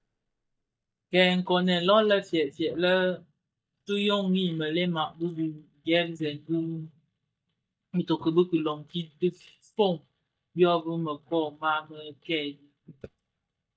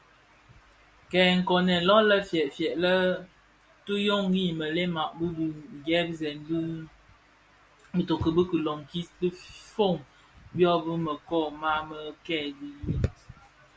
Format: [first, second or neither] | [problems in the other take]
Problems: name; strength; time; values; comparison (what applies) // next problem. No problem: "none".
second | noise reduction (neural mask model DeepFilterNet 3)